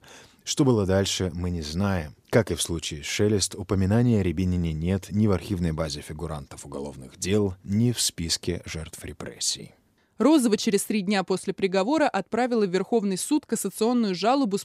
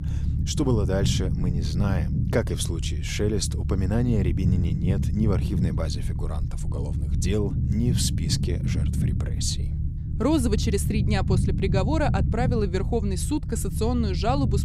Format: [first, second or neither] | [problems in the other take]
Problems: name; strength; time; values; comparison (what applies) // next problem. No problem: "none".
first | low rumble; loud; throughout; 8 dB below the speech